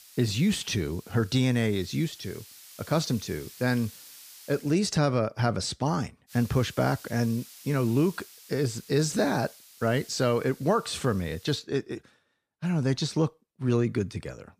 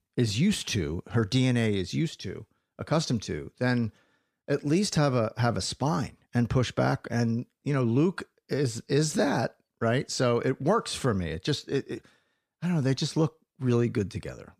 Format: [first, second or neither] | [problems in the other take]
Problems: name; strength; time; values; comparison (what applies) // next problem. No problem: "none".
second | hiss; noticeable; until 4.5 s and from 6.5 to 12 s; 20 dB below the speech